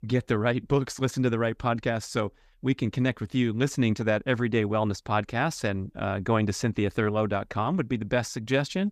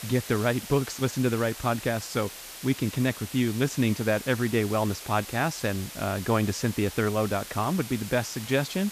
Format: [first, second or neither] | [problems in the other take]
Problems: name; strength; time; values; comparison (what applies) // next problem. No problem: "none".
first | hiss; noticeable; throughout; 10 dB below the speech